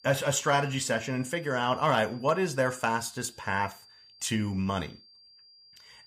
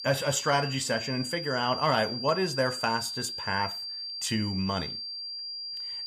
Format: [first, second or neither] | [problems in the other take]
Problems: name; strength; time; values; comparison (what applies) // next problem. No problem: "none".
first | high-pitched whine; loud; throughout; 4.5 kHz, 5 dB below the speech; faint in the first